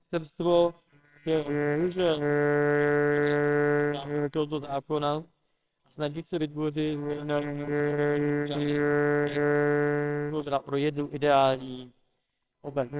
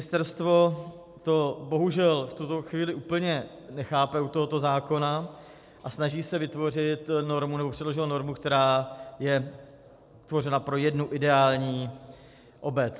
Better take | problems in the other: second | noise reduction (neural separator model SepFormer WHAMR!)

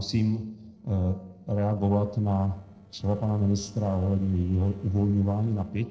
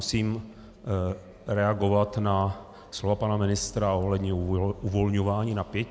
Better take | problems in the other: second | noise reduction (neural separator model SepFormer DNS4)

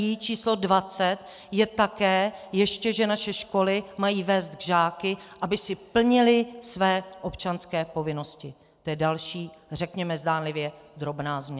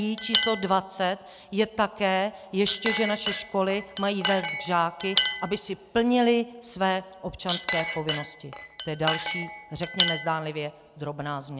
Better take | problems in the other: first | background sound (Chink, clink); 5 dB below the speech

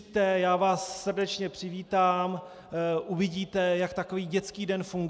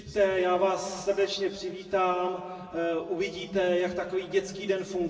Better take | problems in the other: first | room echo; dies away in 1.6 s

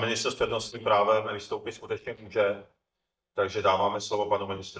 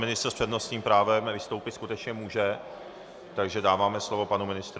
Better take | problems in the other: second | noise reduction (neural mask model DeepFilterNet 3)

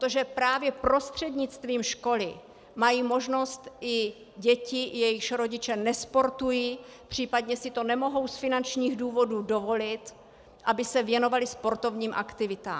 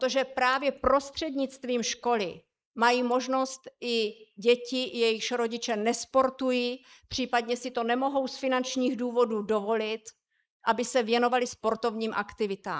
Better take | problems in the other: first | noise reduction (neural mask model Resemble Enhance denoiser)

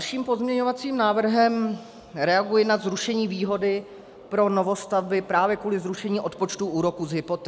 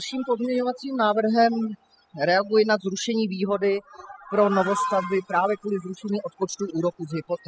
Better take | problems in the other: first | noise reduction (classical method spectral subtraction)

